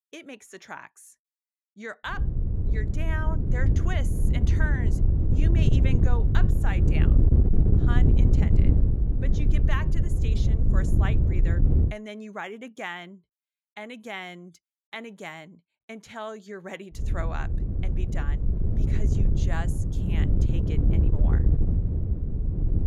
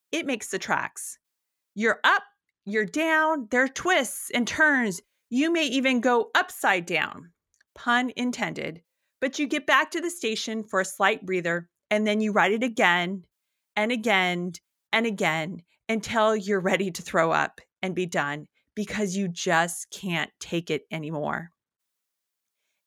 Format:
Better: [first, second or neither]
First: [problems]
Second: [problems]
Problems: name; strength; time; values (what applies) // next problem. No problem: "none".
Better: second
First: wind noise on the microphone; heavy; from 2 to 12 s and from 17 s on; as loud as the speech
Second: none